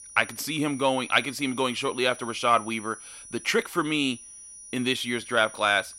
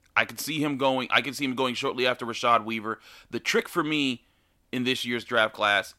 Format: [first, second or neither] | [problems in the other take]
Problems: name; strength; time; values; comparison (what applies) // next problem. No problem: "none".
second | high-pitched whine; noticeable; throughout; 9.5 kHz, 15 dB below the speech